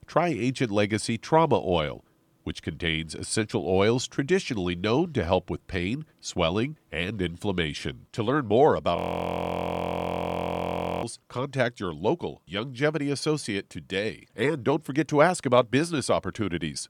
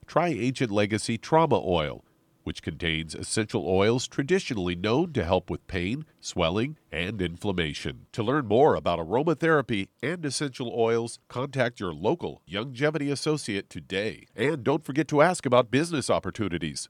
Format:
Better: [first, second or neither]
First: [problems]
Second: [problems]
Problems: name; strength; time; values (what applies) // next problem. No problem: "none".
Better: second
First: audio freezing; at 9 s for 2 s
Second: none